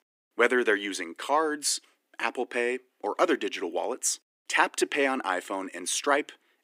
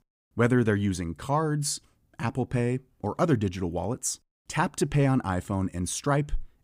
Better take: second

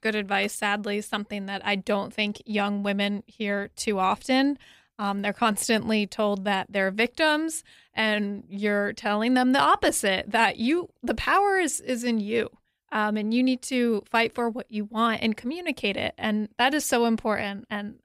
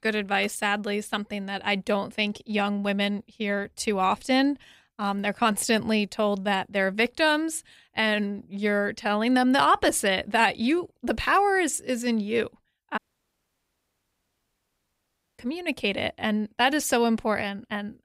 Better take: first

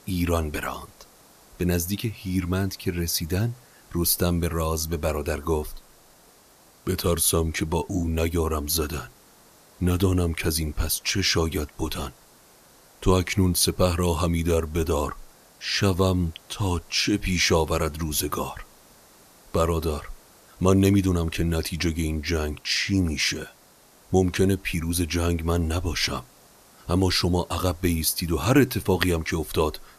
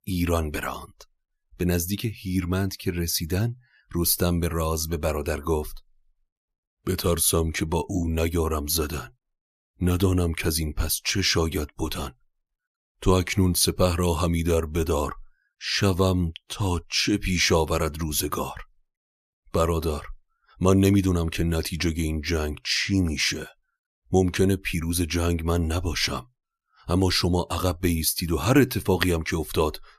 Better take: second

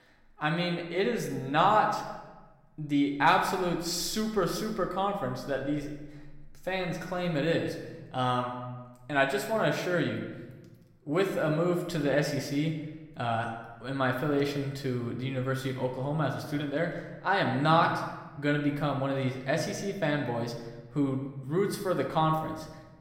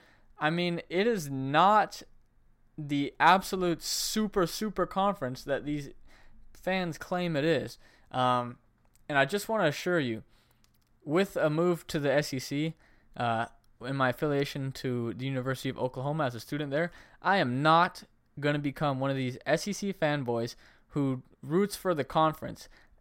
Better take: second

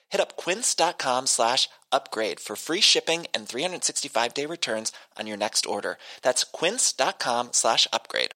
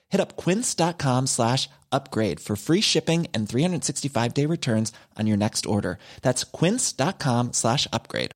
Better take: second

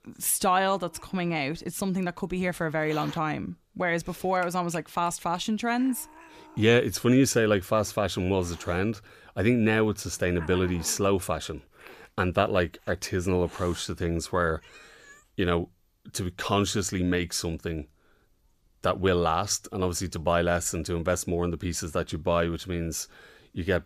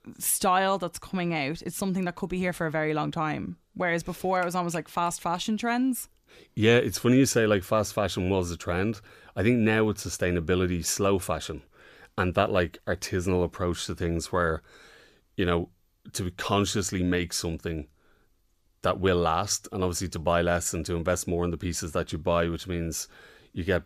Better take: second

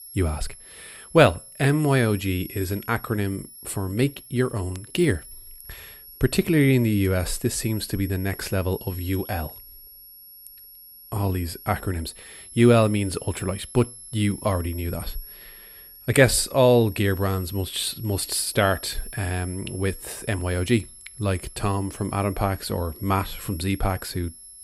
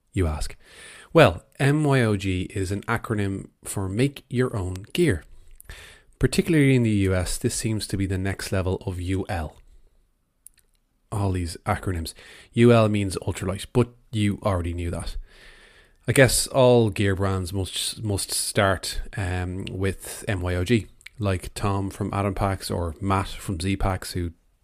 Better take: second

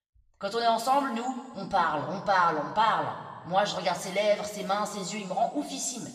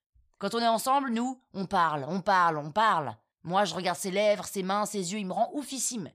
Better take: second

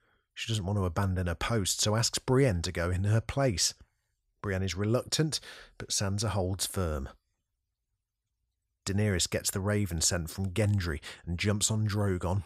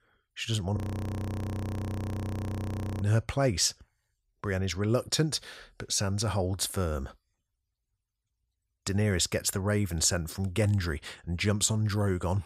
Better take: first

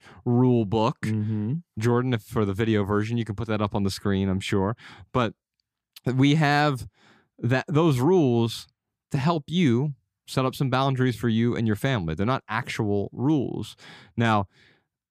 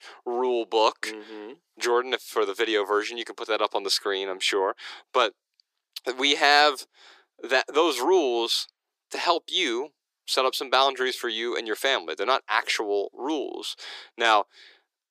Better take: first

